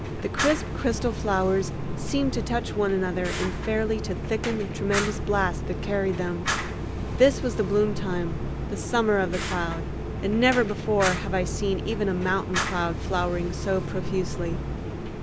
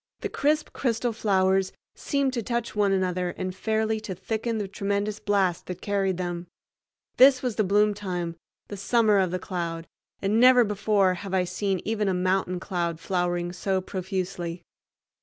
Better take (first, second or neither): second